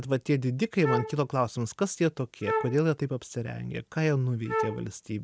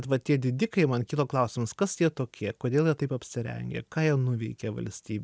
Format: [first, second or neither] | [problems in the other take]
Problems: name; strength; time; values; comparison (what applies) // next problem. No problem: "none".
second | background sound (Wind instrument, woodwind instrument); 4 dB below the speech